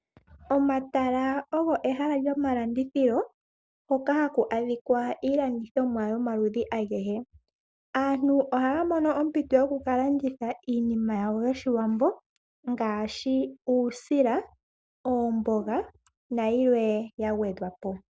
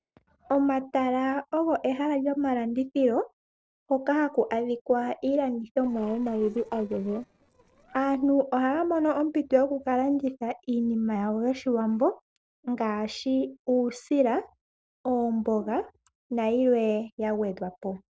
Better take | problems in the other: first | noise reduction (neural separator model SepFormer DNS4)

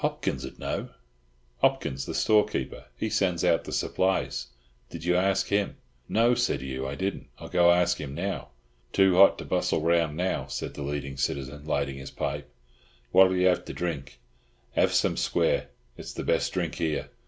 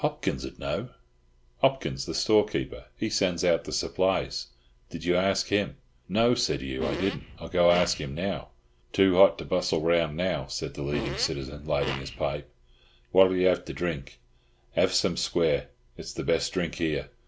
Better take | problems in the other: first | background sound (Fart); 9 dB below the speech

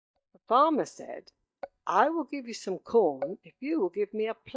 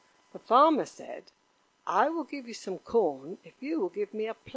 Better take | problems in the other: second | noise reduction (neural mask model DeepFilterNet 3)

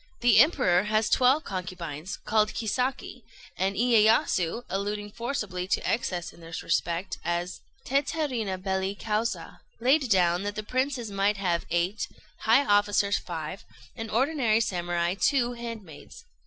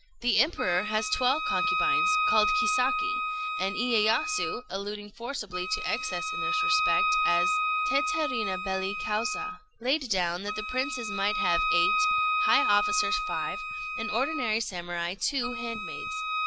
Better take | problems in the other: first | background sound (Wind instrument, woodwind instrument); 2 dB above the speech

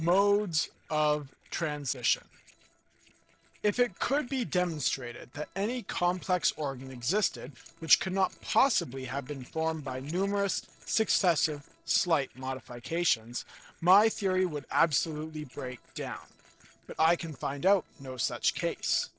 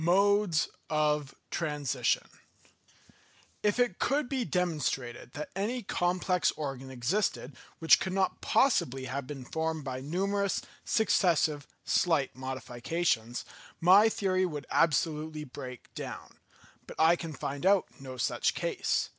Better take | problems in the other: second | noise reduction (neural separator model SepFormer DNS4)

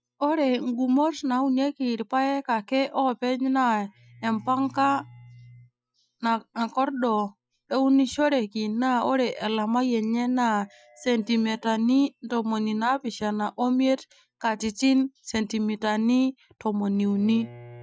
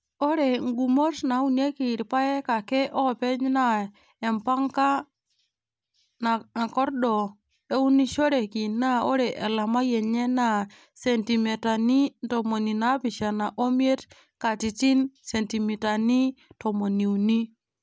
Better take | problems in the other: second | noise reduction (classical method Wiener filter)

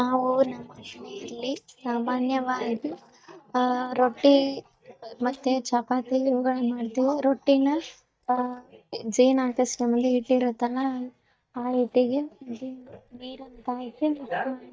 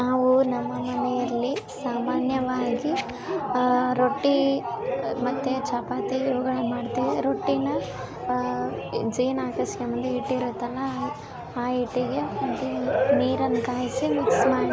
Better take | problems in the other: second | noise reduction (neural mask model DeepFilterNet 3)

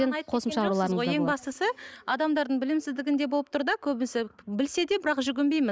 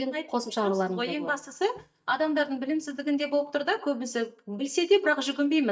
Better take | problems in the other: first | noise reduction (neural mask model DeepFilterNet 3)

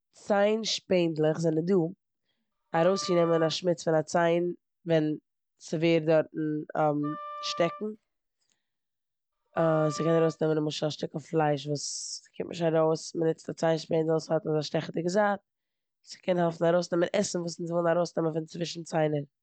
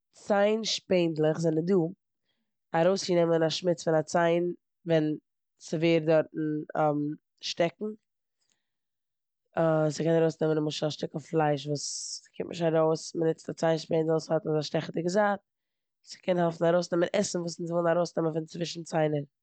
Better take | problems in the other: second | background sound (Wind instrument, woodwind instrument); 13 dB below the speech

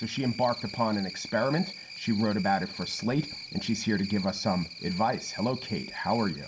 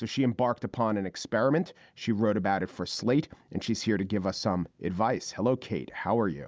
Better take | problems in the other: second | background sound (Cricket); 12 dB below the speech // room echo; dies away in 0.3 s

